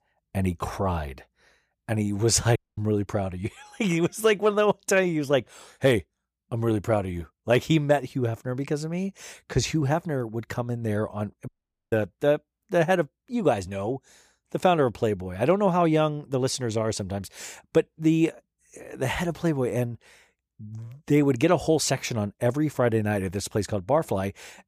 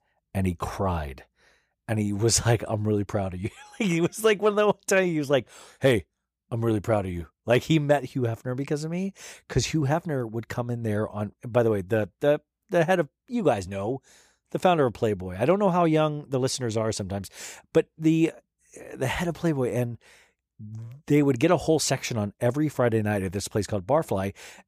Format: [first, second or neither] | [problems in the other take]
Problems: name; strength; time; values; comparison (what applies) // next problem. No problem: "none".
second | audio cutting out; at 2.5 s and at 11 s